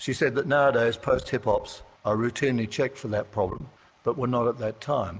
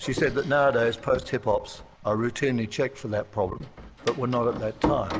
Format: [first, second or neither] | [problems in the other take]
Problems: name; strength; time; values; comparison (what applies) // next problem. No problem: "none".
first | background sound (Door); 10 dB below the speech